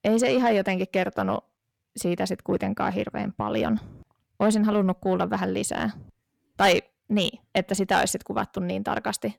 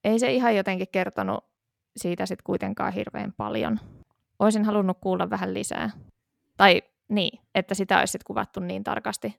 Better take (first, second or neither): second